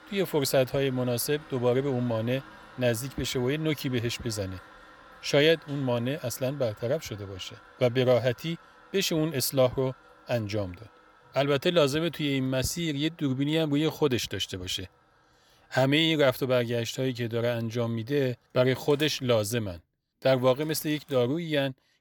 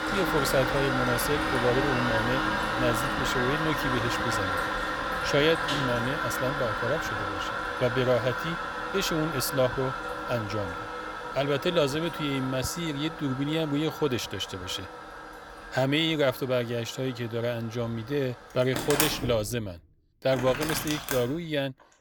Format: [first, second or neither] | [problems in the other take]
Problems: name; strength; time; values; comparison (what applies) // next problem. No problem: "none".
first | household noises; loud; throughout; 1 dB below the speech; faint in the first